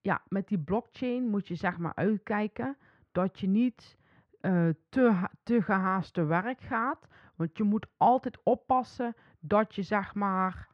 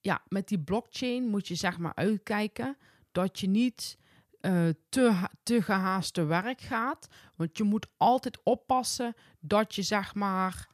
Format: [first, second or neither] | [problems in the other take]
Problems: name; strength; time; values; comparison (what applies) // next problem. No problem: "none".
second | muffled; very; fading above 1.5 kHz